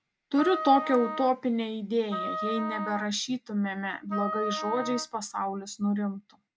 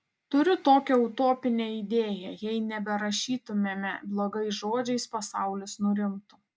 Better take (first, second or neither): second